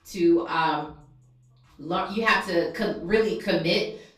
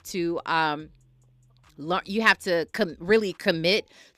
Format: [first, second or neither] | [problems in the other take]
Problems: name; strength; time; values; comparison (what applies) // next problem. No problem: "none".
second | room echo; noticeable; dies away in 0.4 s // off-mic speech; far